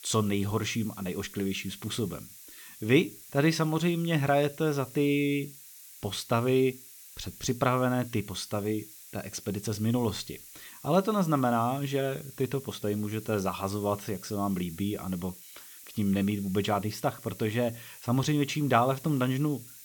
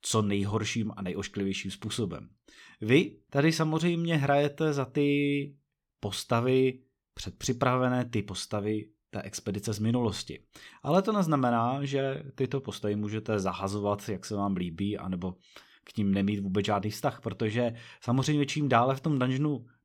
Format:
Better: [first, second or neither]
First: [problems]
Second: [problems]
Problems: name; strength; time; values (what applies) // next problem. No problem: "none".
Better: second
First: hiss; noticeable; throughout; 15 dB below the speech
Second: none